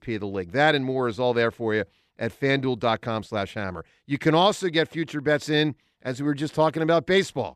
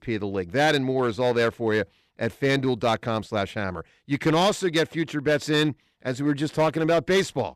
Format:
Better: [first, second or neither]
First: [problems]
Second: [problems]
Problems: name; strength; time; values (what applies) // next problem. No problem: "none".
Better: first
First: none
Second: distortion; slight; 5% of the sound clipped